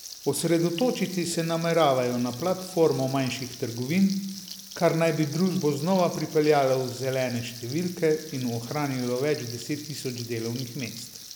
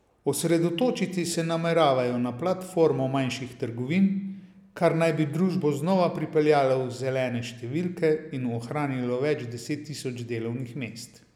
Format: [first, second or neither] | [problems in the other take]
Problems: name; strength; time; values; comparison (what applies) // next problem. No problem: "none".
second | background sound (Frying (food)); 16 dB below the speech